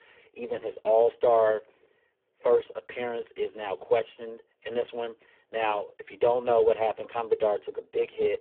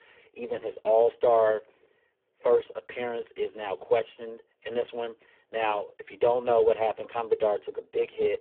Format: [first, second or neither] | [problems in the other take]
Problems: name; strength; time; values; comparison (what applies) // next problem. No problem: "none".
neither | phone-call audio; poor line; the same in both